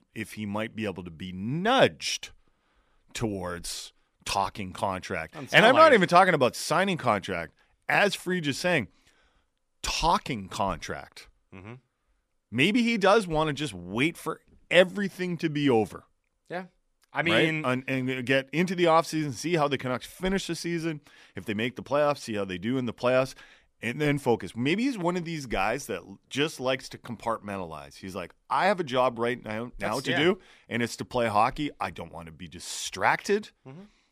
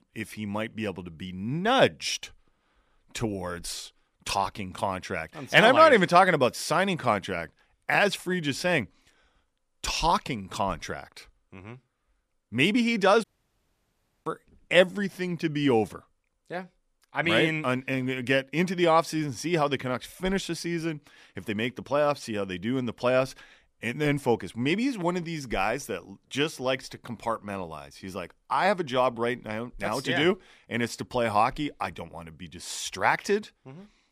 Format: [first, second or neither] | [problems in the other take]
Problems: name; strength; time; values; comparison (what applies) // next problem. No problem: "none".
first | audio cutting out; at 13 s for 1 s